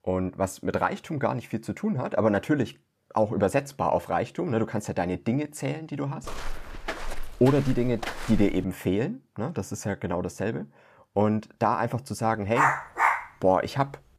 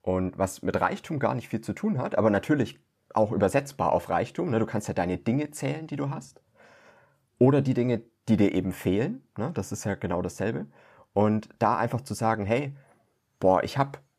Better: second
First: footsteps; noticeable; from 6 to 8.5 s; peak 7 dB below the speech // dog barking; loud; at 13 s; peak 4 dB above the speech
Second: none

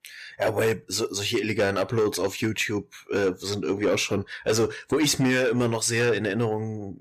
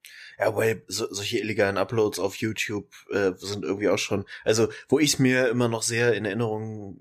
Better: second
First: distortion; slight; 10 dB below the speech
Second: none

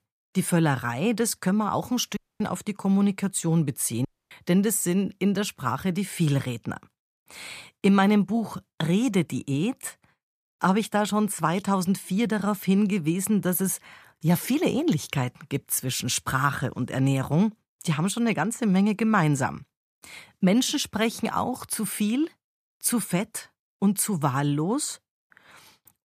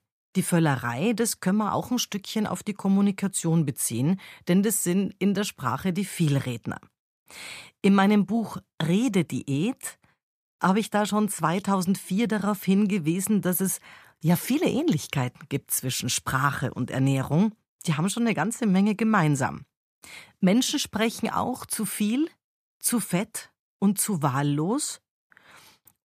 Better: second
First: audio cutting out; at 2 s and at 4 s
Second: none

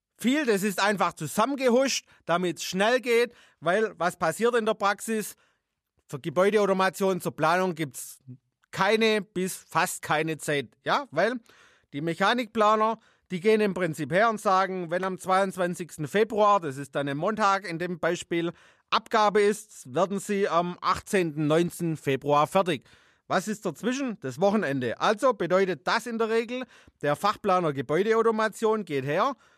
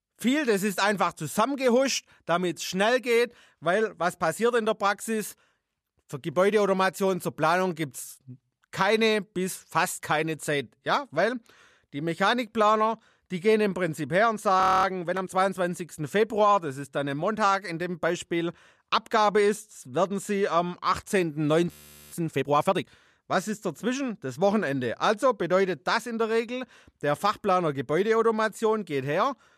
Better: first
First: none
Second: audio freezing; at 15 s and at 22 s

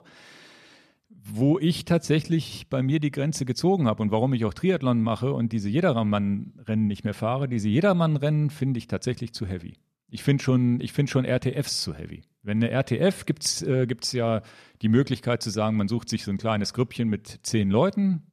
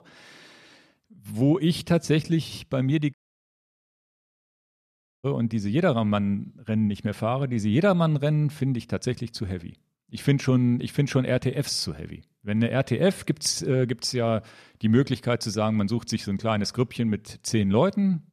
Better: first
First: none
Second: audio cutting out; at 3 s for 2 s

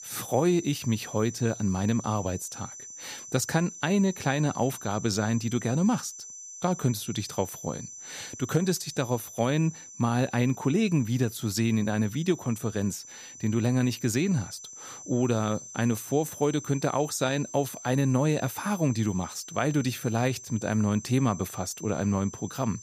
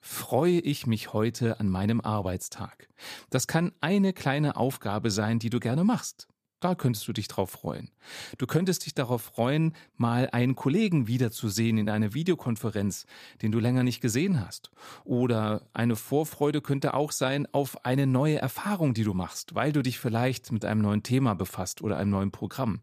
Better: second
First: high-pitched whine; noticeable; throughout; 6 kHz, 15 dB below the speech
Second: none

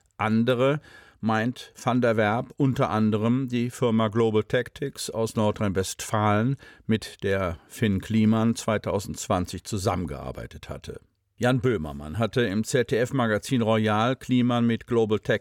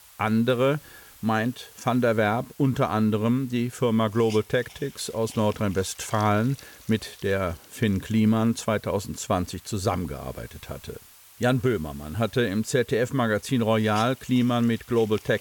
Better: first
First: none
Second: hiss; faint; throughout; 20 dB below the speech

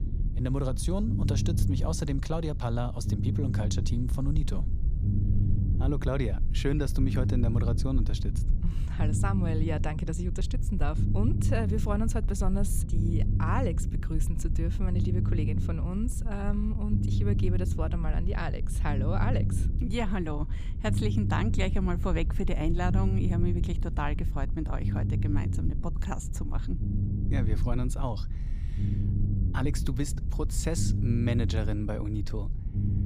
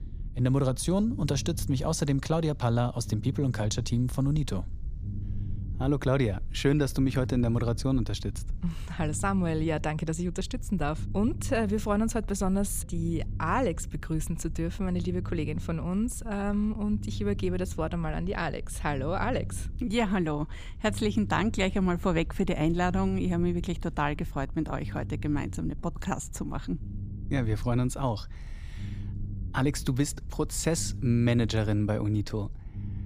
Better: second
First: low rumble; loud; throughout; 7 dB below the speech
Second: low rumble; faint; throughout; 20 dB below the speech

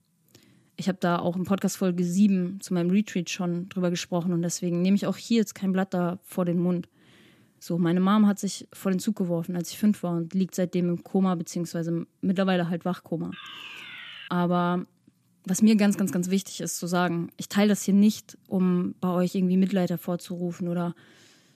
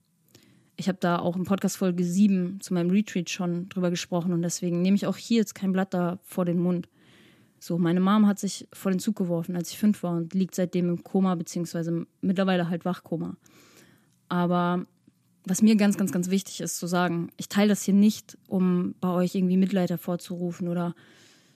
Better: second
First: alarm; faint; at 13 s; peak 15 dB below the speech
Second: none

